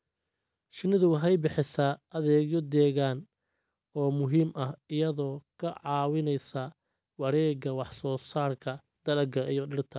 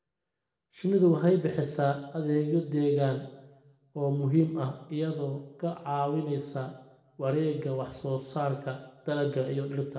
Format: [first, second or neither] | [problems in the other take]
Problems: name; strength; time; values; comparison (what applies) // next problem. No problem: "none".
first | room echo; dies away in 0.8 s